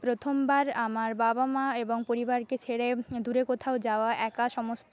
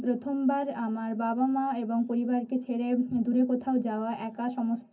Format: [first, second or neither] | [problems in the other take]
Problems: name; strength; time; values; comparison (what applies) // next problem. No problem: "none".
first | room echo; dies away in 0.3 s